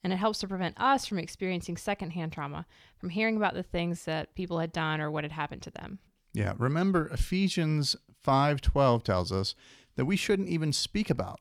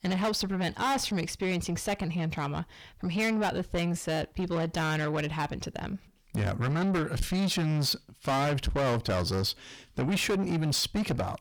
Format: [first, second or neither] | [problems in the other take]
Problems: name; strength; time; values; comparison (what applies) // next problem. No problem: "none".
first | distortion; heavy; 6 dB below the speech